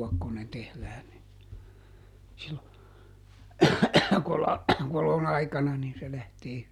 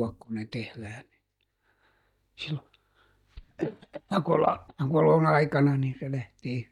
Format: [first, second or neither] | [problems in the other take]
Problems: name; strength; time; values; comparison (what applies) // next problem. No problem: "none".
first | noise reduction (neural mask model DeepFilterNet 3)